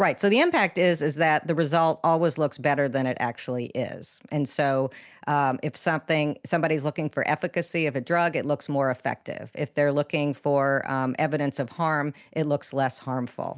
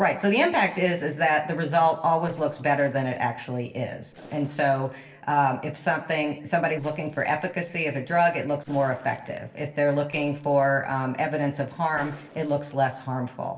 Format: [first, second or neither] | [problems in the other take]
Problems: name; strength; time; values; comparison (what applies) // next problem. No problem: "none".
first | noise reduction (neural separator model SepFormer DNS4)